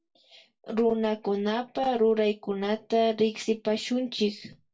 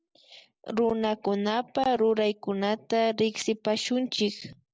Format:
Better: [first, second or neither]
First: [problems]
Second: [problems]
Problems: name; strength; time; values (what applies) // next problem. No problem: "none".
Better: second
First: room echo; dies away in 0.1 s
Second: none